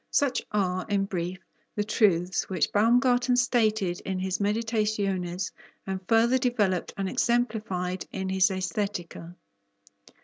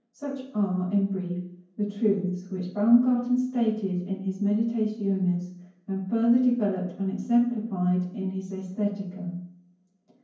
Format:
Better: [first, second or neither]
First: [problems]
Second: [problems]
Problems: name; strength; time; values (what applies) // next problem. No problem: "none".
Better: first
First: none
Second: room echo; dies away in 0.9 s